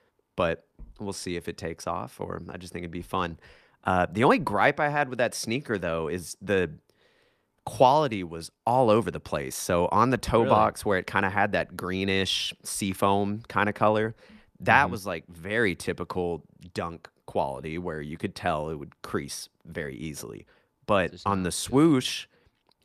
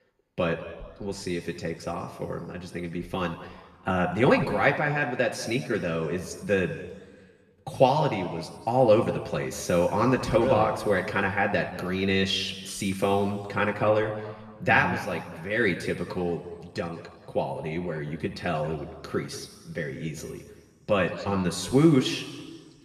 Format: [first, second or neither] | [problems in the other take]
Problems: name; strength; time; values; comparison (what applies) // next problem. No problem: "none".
first | room echo; noticeable; dies away in 1.5 s // off-mic speech; somewhat distant